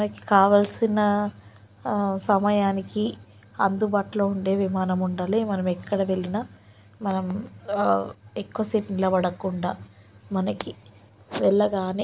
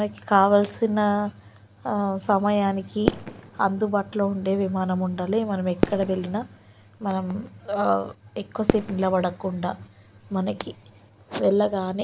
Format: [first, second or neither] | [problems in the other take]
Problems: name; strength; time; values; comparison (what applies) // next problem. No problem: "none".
first | background sound (Fireworks); 8 dB below the speech